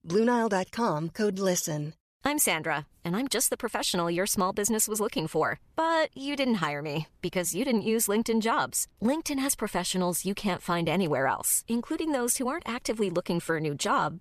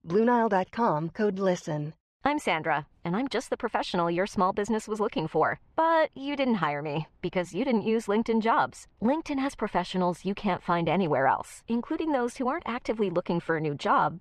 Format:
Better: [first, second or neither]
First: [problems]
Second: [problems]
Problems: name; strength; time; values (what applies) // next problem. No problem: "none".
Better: first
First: none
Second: muffled; very; fading above 3 kHz